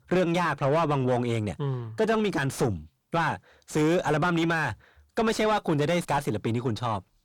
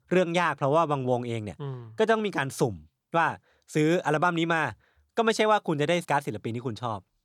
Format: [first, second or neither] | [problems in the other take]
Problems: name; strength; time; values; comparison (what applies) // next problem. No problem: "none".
second | distortion; heavy; 7 dB below the speech